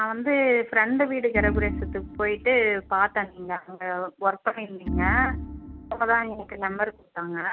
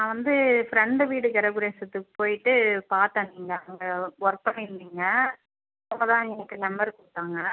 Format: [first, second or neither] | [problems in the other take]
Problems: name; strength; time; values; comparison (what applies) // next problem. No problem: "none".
second | background sound (Organ); 6 dB below the speech